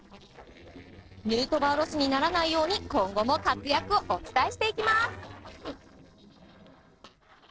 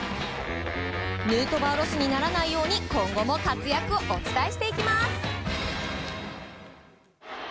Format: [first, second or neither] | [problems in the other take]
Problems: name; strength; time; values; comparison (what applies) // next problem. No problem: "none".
second | noise reduction (neural separator model SepFormer DNS4)